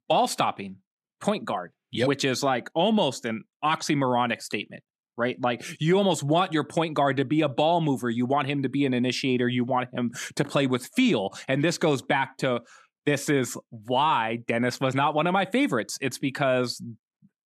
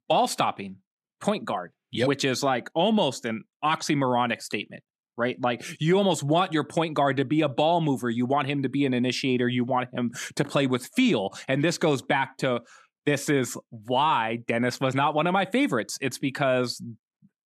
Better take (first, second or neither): neither